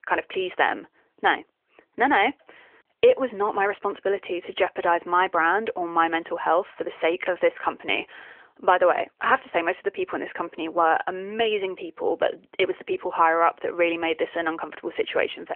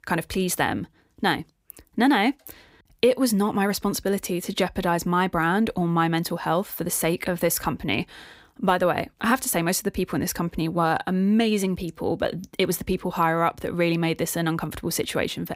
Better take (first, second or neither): second